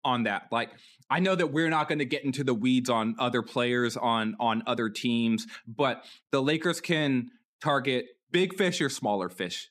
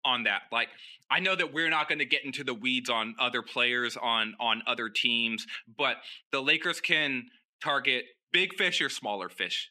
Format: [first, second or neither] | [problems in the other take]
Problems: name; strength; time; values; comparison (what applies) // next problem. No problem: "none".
first | thin; somewhat; fading below 400 Hz